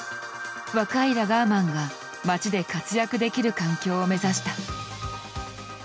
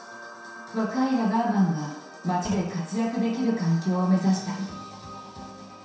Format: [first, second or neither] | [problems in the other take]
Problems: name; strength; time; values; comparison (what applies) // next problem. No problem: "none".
first | background sound (Thump, thud); 19 dB below the speech // room echo; dies away in 0.7 s